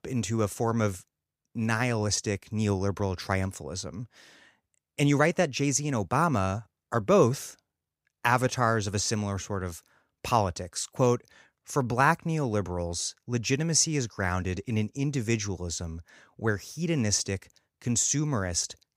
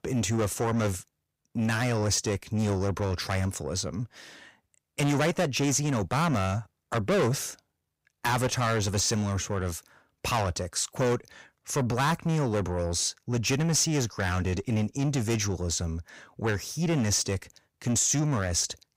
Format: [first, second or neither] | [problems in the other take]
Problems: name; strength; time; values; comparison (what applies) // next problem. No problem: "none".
first | distortion; heavy; 6 dB below the speech